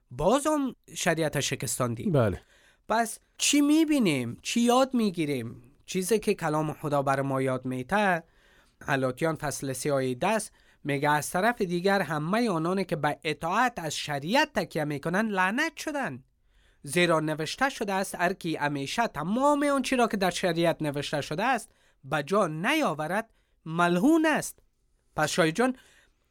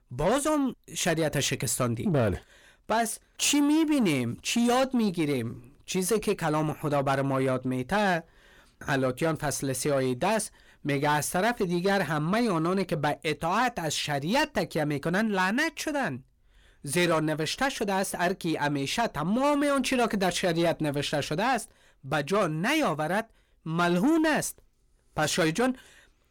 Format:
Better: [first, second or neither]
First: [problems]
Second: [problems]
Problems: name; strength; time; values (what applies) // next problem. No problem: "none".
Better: first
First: none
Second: distortion; slight; 10 dB below the speech